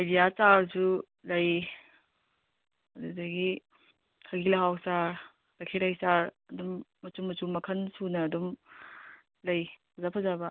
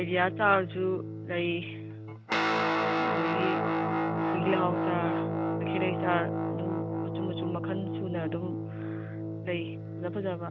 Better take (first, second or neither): first